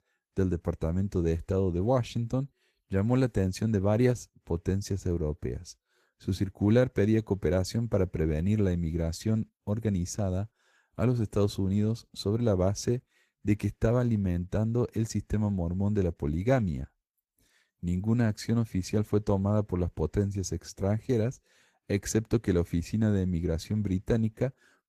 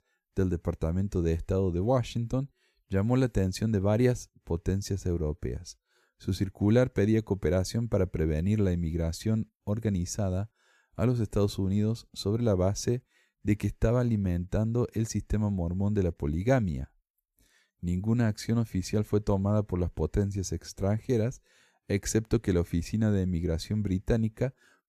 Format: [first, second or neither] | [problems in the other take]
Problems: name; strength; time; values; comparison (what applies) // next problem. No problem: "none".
second | garbled, watery; slightly; nothing above 14.5 kHz